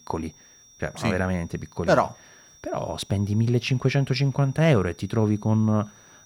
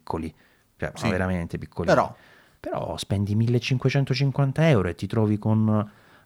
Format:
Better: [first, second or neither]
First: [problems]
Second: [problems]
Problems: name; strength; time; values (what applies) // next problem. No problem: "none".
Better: second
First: high-pitched whine; faint; throughout; 5.5 kHz, 25 dB below the speech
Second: none